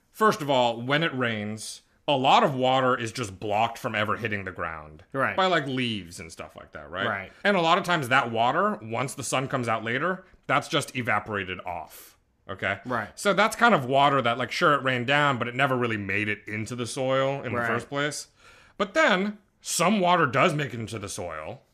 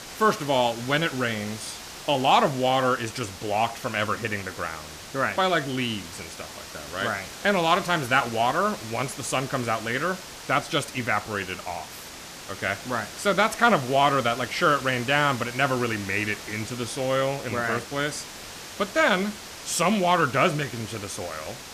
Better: first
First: none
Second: hiss; noticeable; throughout; 15 dB below the speech

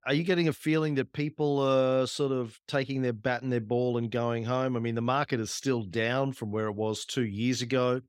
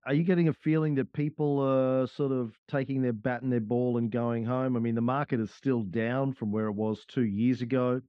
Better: first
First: none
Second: muffled; very; fading above 2 kHz

